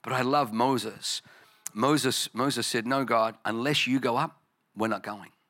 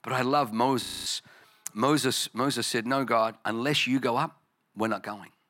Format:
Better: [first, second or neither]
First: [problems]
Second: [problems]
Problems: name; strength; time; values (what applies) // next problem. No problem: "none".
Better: first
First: none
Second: audio freezing; at 1 s